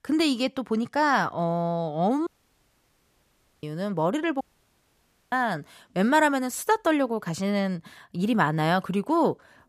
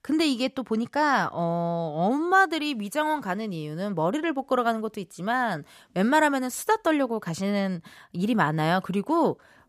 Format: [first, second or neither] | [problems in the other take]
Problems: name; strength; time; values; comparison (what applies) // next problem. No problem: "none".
second | audio cutting out; at 2.5 s for 1.5 s and at 4.5 s for 1 s